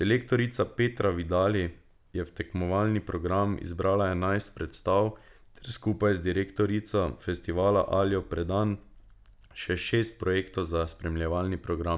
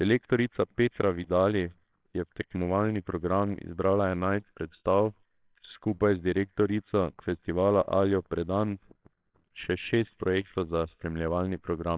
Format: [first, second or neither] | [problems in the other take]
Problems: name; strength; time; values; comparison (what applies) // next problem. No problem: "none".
first | noise reduction (neural separator model SepFormer WHAMR!)